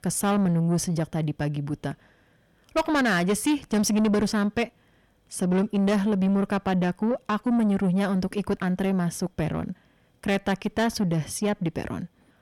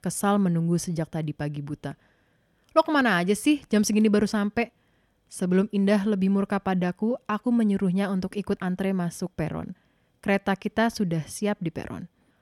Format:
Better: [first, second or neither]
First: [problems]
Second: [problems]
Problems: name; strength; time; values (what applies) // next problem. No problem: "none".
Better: second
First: distortion; slight; 10 dB below the speech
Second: none